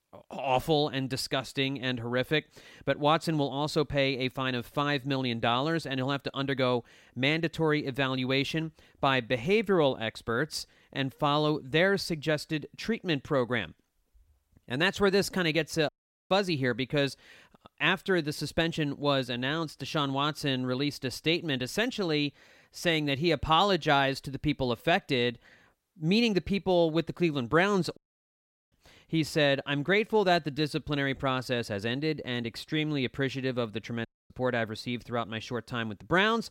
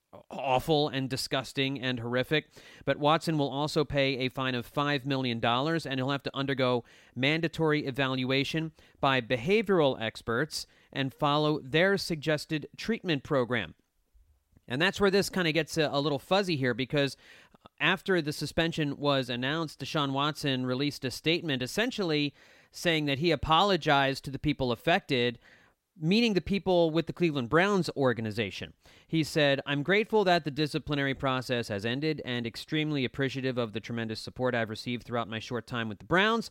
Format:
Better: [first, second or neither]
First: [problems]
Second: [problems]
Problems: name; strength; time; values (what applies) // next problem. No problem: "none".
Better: second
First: audio cutting out; at 16 s, at 28 s for 1 s and at 34 s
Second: none